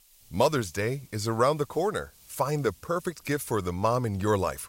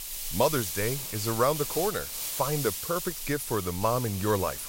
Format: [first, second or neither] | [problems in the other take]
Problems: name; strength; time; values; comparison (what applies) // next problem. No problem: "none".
first | hiss; loud; throughout; 4 dB below the speech; faint in the first